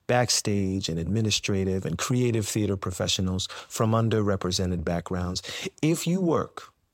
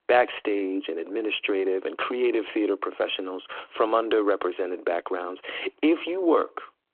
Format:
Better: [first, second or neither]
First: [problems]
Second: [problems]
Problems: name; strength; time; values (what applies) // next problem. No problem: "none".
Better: first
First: none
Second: phone-call audio